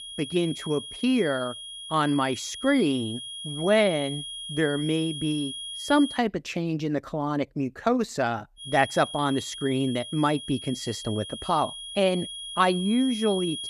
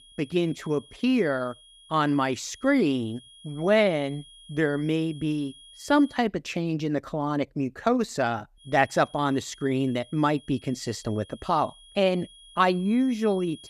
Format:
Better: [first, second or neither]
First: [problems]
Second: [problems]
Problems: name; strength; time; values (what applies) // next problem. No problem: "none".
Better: second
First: high-pitched whine; loud; until 6 s and from 8.5 s on; 3.5 kHz, 9 dB below the speech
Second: high-pitched whine; faint; until 6 s and from 8.5 s on; 3.5 kHz, 25 dB below the speech